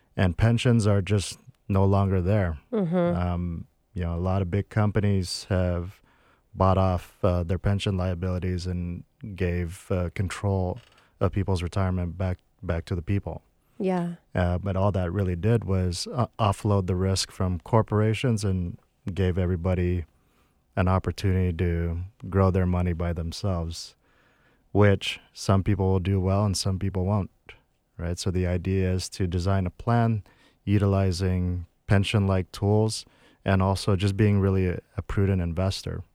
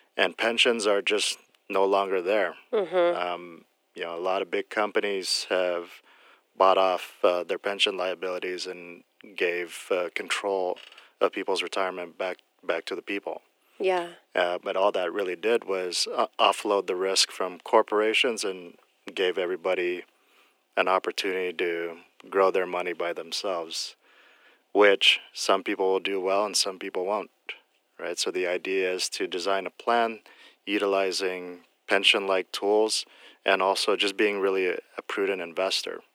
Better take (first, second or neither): first